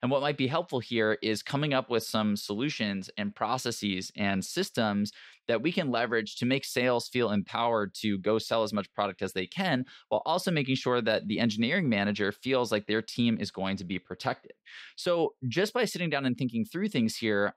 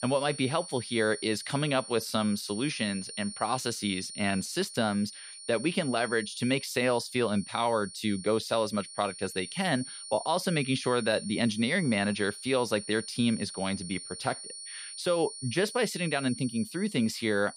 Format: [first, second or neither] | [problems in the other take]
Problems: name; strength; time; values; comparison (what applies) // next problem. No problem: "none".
first | high-pitched whine; noticeable; throughout; 9.5 kHz, 10 dB below the speech